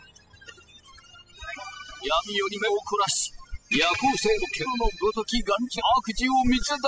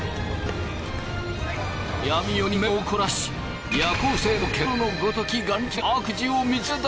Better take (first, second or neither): second